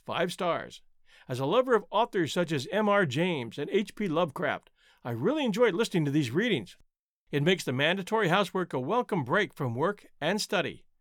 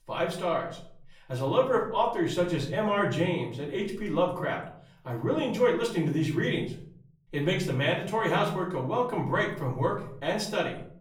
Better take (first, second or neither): first